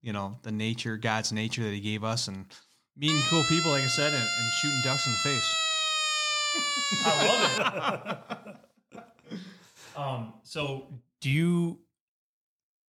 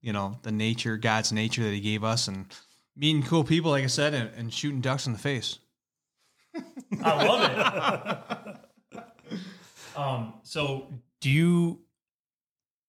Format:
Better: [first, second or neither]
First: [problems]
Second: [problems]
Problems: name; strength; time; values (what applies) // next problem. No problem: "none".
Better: second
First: siren; loud; from 3 to 7.5 s; peak 5 dB above the speech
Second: none